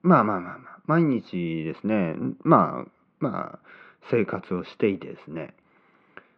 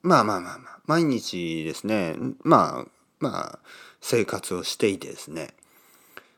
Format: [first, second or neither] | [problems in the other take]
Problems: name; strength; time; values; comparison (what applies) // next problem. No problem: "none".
second | muffled; very; fading above 2.5 kHz